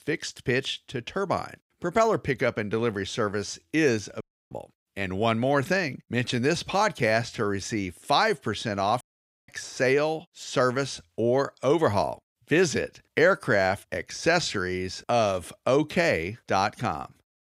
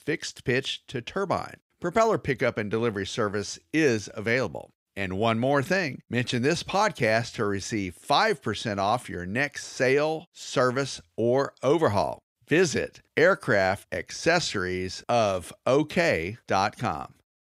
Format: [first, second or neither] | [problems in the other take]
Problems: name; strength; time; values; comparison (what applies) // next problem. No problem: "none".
second | audio cutting out; at 4 s and at 9 s